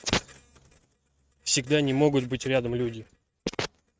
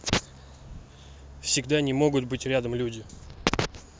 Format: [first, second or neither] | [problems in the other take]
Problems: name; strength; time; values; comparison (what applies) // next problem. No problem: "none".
second | noise reduction (neural mask model RNNoise)